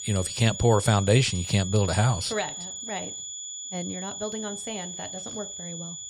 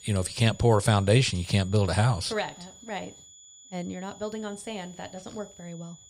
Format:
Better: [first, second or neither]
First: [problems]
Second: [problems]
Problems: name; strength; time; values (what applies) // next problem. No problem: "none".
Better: second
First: high-pitched whine; loud; throughout; 7 kHz, 8 dB below the speech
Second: high-pitched whine; faint; throughout; 7 kHz, 20 dB below the speech